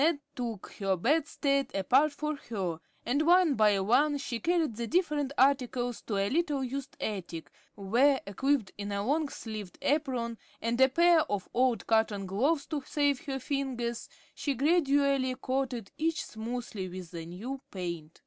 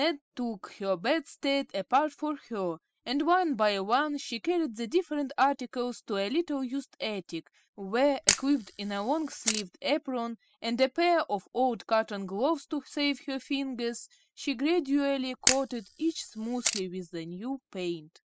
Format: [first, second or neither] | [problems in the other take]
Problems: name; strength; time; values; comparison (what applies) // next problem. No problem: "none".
first | noise reduction (classical method spectral subtraction)